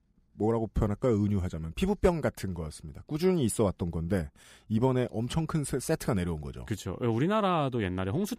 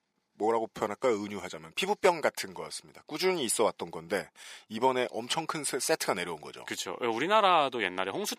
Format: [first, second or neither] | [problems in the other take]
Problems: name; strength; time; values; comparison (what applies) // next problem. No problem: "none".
first | thin; very; fading below 450 Hz